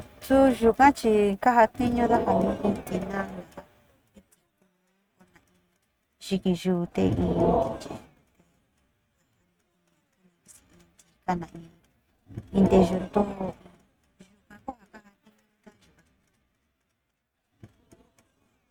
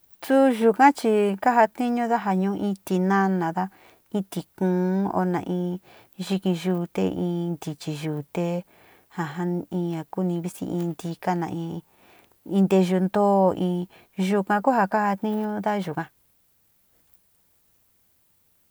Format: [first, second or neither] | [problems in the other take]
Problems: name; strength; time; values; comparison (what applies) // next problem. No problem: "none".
second | noise reduction (neural mask model RNNoise)